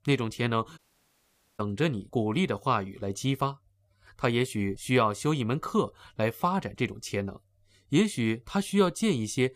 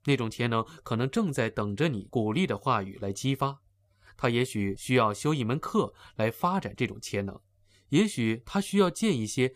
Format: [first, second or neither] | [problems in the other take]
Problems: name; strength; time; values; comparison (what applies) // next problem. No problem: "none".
second | audio cutting out; at 1 s for 1 s